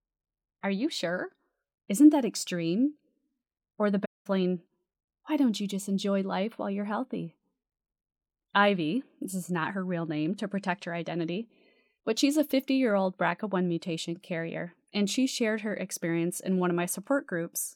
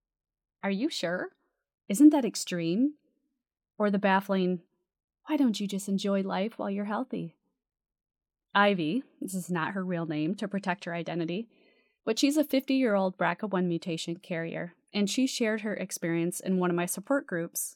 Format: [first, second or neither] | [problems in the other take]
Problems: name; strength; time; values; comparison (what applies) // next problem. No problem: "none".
second | audio cutting out; at 4 s